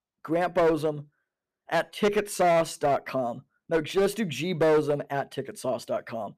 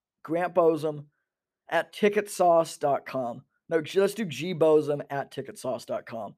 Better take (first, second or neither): second